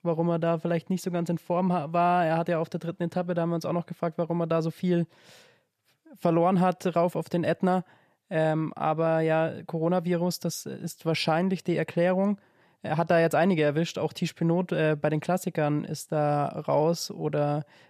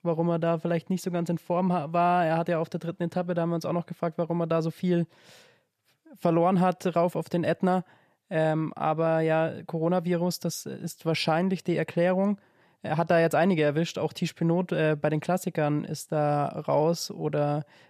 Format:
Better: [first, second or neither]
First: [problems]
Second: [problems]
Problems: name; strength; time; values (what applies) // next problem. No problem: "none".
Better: neither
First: none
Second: none